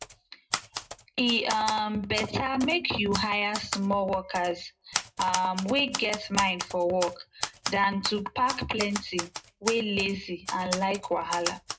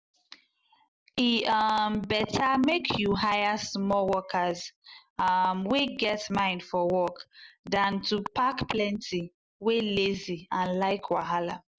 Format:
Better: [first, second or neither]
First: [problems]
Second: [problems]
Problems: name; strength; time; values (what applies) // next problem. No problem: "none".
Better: second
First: background sound (Typewriter); 8 dB below the speech // room echo; dies away in 0.2 s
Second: none